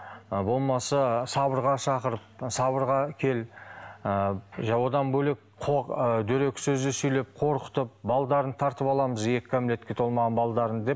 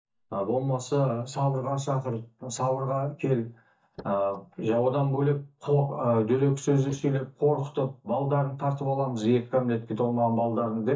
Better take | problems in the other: first | noise reduction (neural mask model DeepFilterNet 3)

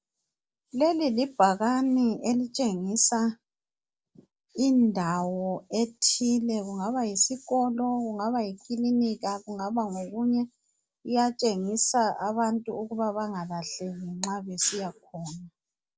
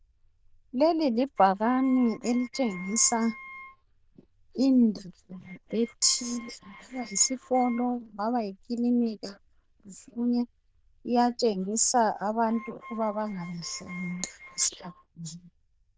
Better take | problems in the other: first | noise reduction (neural diffusion model UNIVERSE++)

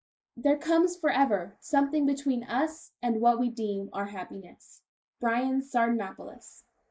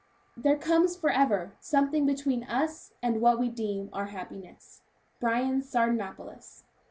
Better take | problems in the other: second | noise reduction (neural mask model Resemble Enhance denoiser)

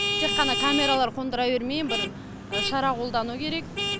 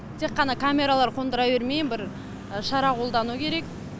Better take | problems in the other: second | background sound (Vehicle horn, car horn, honking); 3 dB below the speech

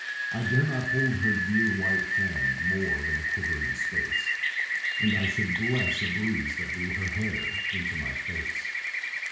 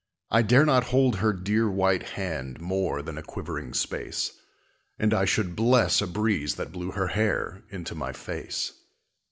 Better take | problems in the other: second | background sound (Rain); 2 dB above the speech // room echo; dies away in 0.6 s

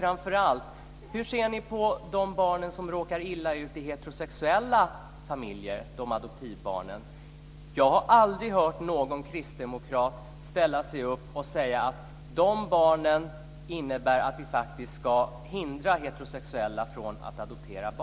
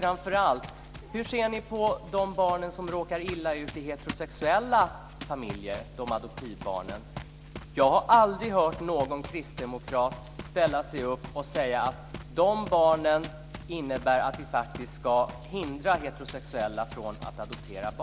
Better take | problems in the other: first | background sound (Run); 17 dB below the speech

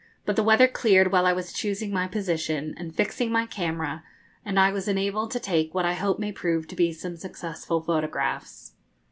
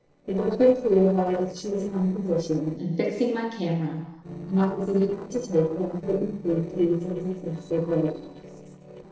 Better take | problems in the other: first | noise reduction (neural separator model SepFormer DNS4)

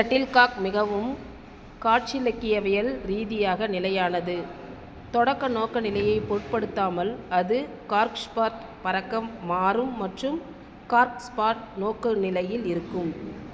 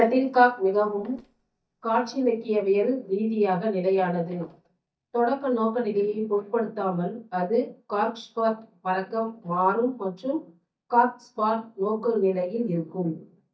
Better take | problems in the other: first | noise reduction (neural mask model DeepFilterNet 3)

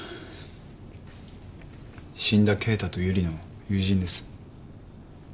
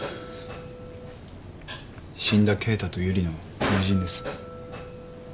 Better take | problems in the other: first | background sound (Dishes, pots, and pans); 8 dB below the speech

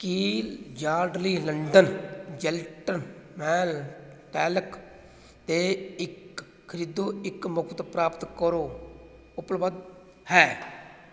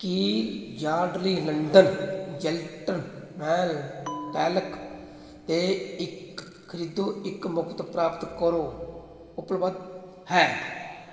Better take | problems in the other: first | background sound (Bell); 16 dB below the speech // room echo; dies away in 2.2 s

